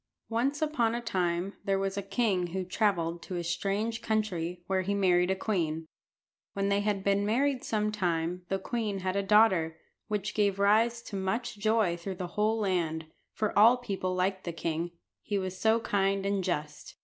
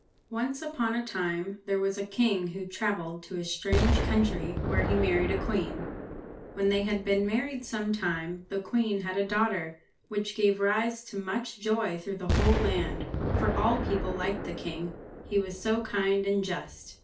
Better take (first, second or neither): first